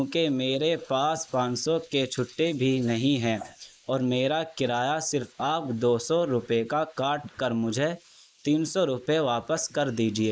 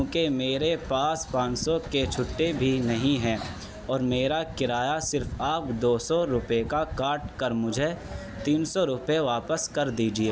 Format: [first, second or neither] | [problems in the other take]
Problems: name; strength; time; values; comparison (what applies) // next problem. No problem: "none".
second | noise reduction (neural mask model Resemble Enhance denoiser)